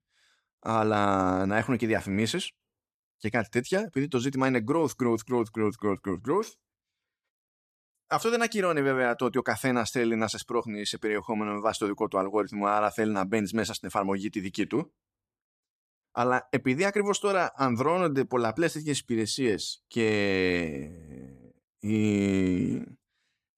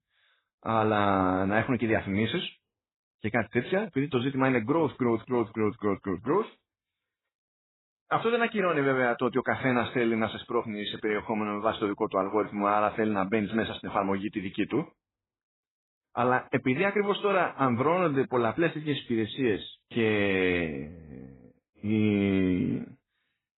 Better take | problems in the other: first | garbled, watery; badly; nothing above 4 kHz

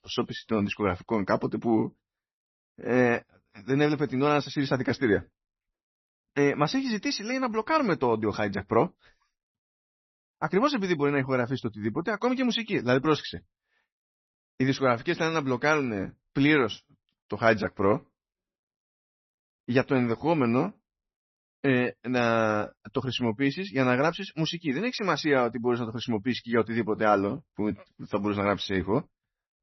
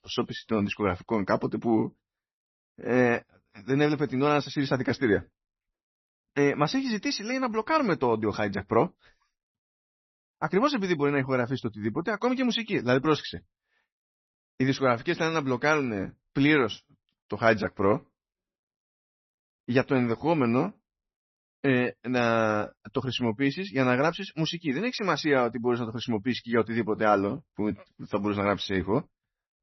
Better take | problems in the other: neither | garbled, watery; slightly; nothing above 6 kHz; the same in both

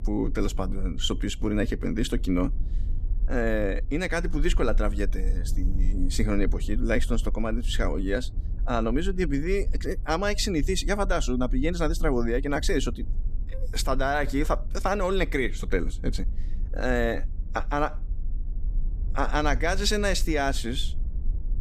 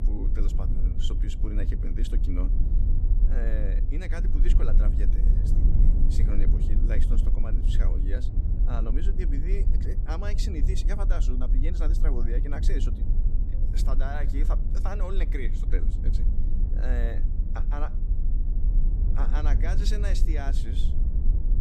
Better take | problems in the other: first | low rumble; loud; throughout; 6 dB below the speech; faint in the first

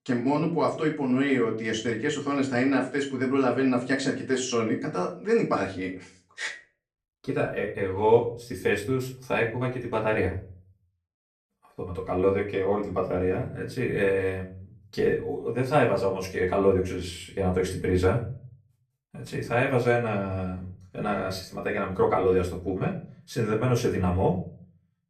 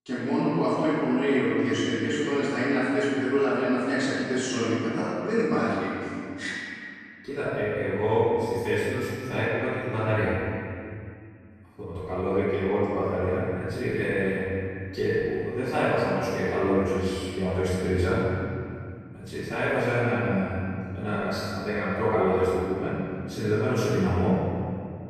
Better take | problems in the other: first | room echo; strong; dies away in 2.3 s; slight in the first // off-mic speech; far; far in the first

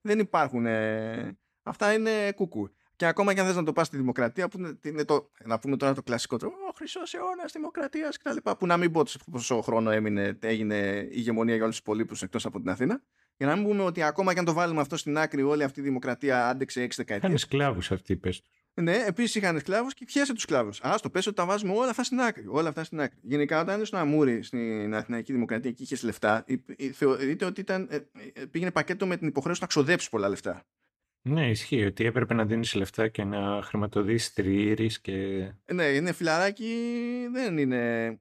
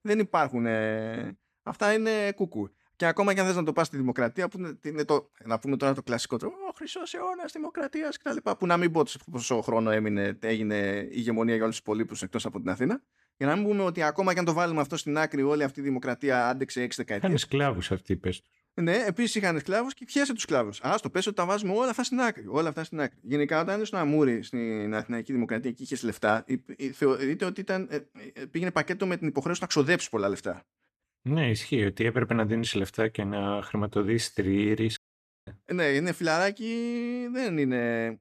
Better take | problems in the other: first | audio cutting out; at 35 s for 0.5 s

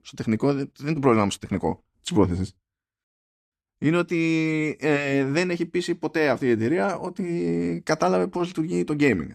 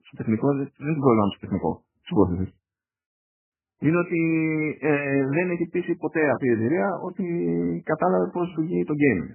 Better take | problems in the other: first | garbled, watery; badly; nothing above 2.5 kHz

